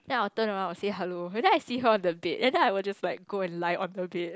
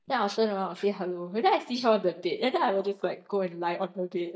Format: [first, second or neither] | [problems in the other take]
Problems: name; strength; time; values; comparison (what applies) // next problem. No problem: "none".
first | noise reduction (neural mask model DeepFilterNet 3)